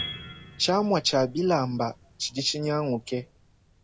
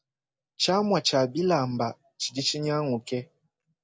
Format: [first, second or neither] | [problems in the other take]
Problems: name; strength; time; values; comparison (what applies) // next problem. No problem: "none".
second | background sound (Piano); 17 dB below the speech